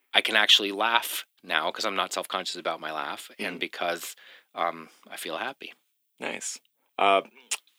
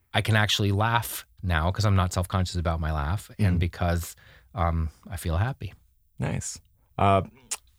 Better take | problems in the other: second | thin; very; fading below 250 Hz

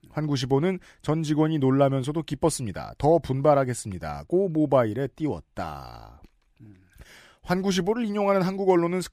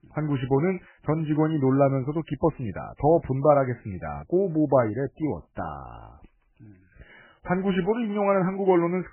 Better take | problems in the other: first | garbled, watery; badly; nothing above 3 kHz

